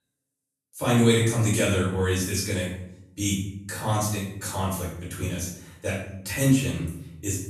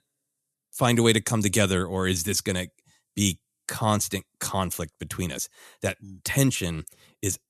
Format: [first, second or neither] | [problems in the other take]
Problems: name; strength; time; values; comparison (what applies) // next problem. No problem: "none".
second | off-mic speech; far // room echo; noticeable; dies away in 0.6 s